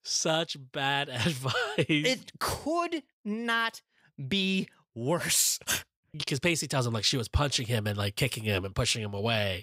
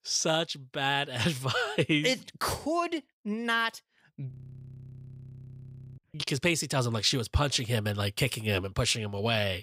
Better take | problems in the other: first | audio freezing; at 4.5 s for 1.5 s

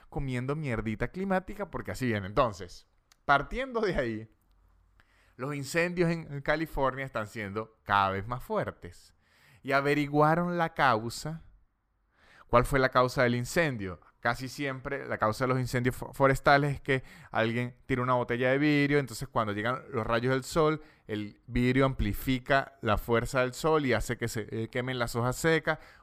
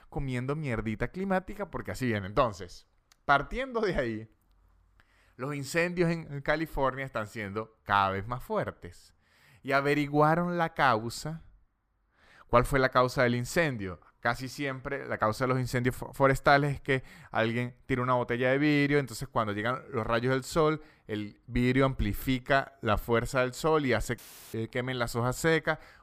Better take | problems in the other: first | audio cutting out; filled with static; at 24 s

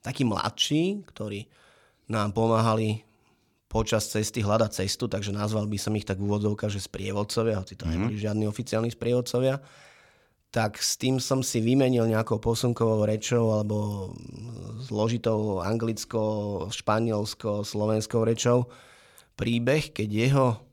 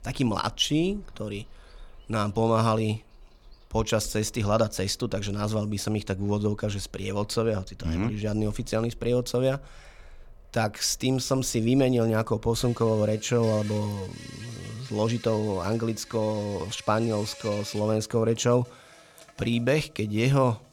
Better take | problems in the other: first | animal sounds; faint; throughout; 20 dB below the speech

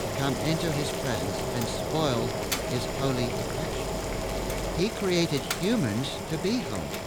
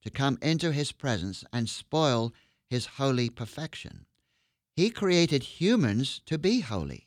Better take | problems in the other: second | household noises; loud; throughout; 1 dB below the speech

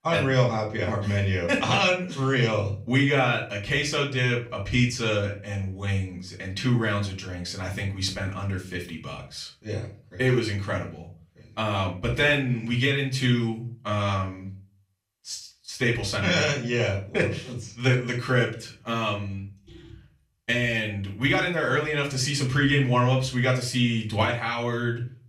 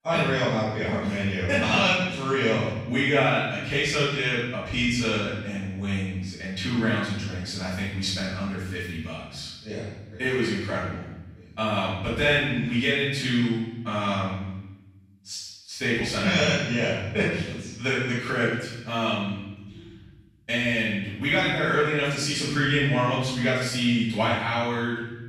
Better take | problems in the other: first | room echo; strong; dies away in 1 s; slight in the first // off-mic speech; far; far in the first

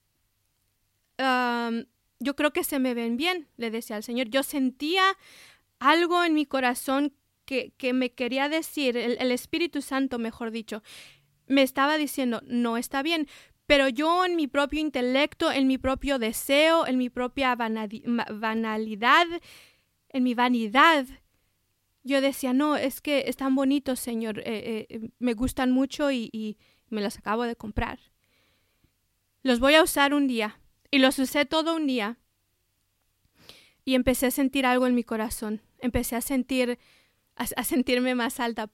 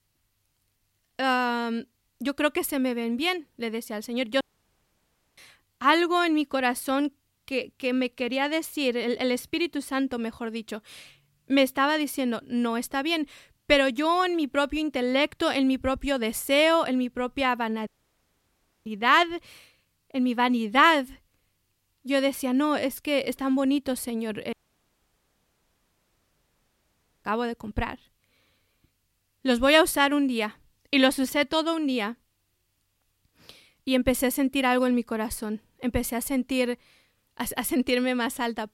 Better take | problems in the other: first | audio cutting out; at 4.5 s for 1 s, at 18 s for 1 s and at 25 s for 2.5 s

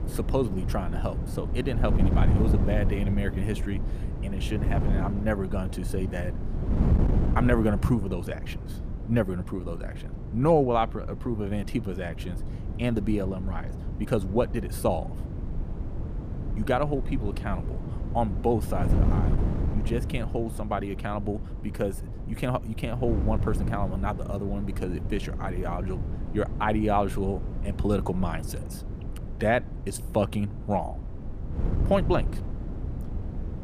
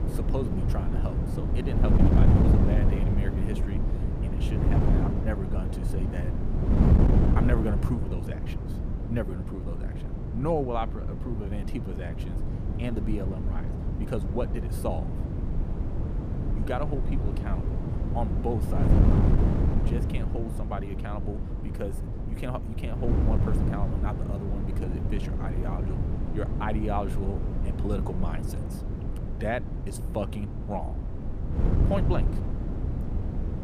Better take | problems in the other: first | wind noise on the microphone; heavy; 1 dB below the speech; occasional gusts in the first

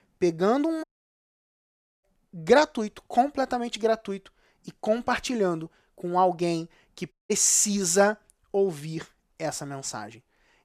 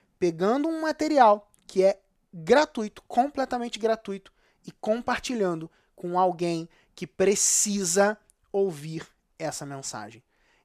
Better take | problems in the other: second | audio cutting out; at 1 s for 1 s and at 7 s

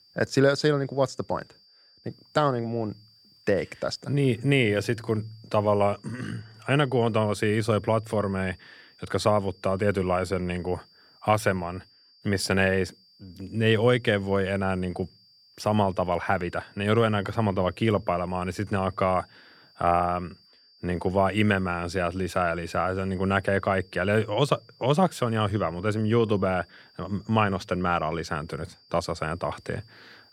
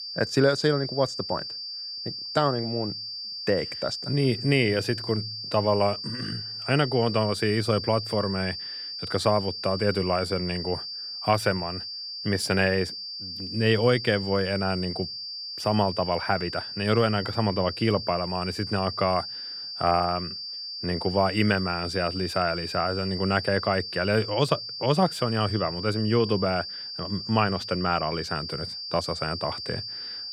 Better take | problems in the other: first | high-pitched whine; loud; throughout; 4.5 kHz, 7 dB below the speech; faint in the first

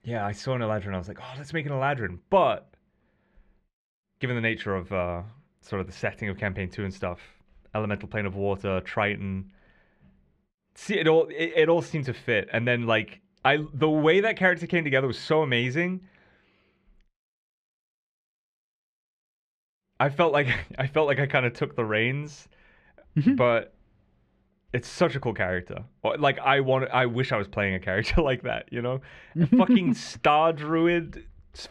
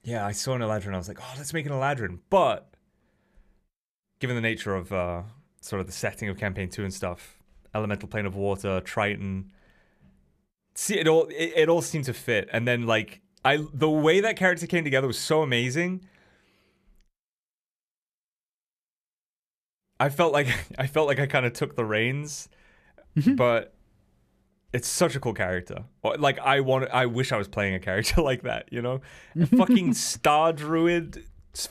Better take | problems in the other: second | muffled; slightly; fading above 3 kHz

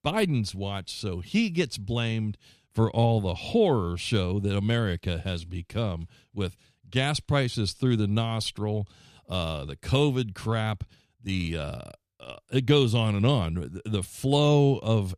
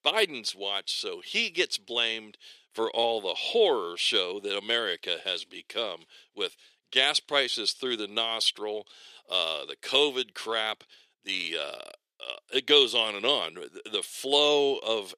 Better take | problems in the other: first | thin; very; fading below 400 Hz

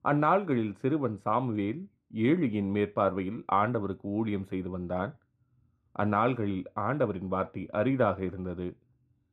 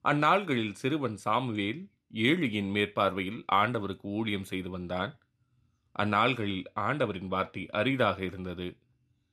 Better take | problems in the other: second | muffled; very; fading above 2 kHz

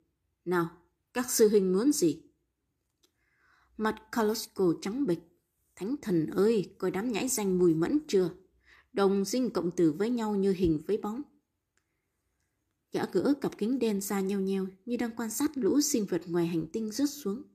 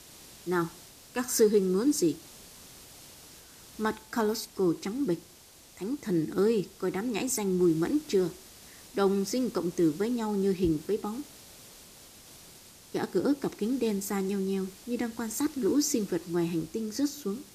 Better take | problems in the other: first | hiss; noticeable; throughout; 20 dB below the speech

